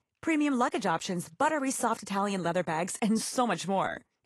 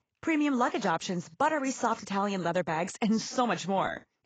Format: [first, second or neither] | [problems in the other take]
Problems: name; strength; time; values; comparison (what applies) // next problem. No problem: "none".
first | garbled, watery; badly; nothing above 7.5 kHz; slightly in the first